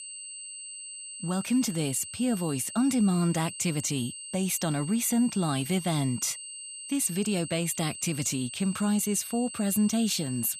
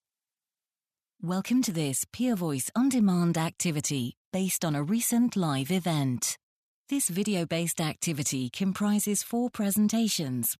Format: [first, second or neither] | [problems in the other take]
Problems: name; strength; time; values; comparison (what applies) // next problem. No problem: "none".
second | high-pitched whine; noticeable; throughout; 8 kHz, 10 dB below the speech